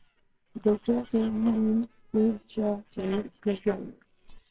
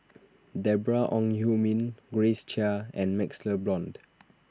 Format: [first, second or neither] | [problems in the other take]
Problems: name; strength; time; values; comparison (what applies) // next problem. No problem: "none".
second | noise reduction (neural separator model SepFormer WHAMR!)